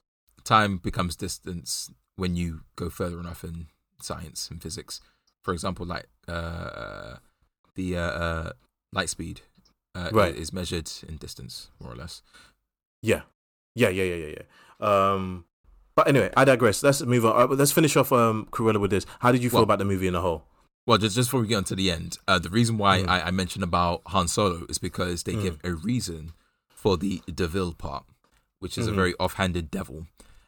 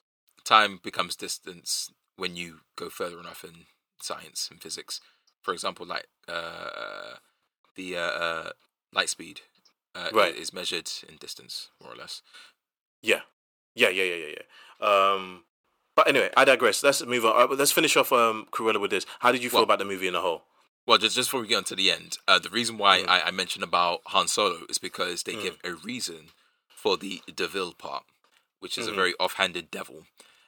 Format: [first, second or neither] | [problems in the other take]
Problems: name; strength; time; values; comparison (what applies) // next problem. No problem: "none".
first | thin; somewhat; fading below 400 Hz